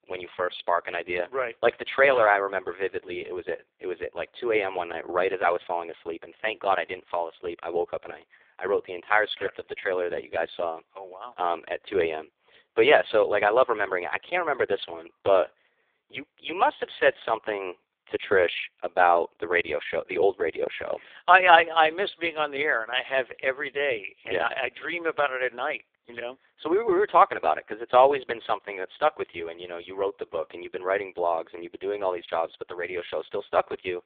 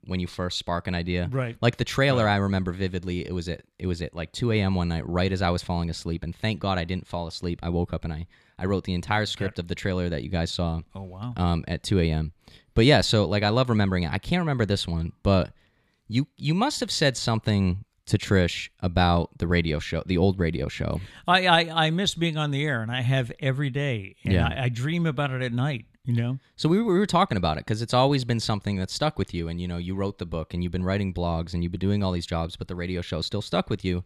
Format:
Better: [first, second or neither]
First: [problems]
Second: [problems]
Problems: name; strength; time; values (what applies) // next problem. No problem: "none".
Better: second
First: phone-call audio; poor line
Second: none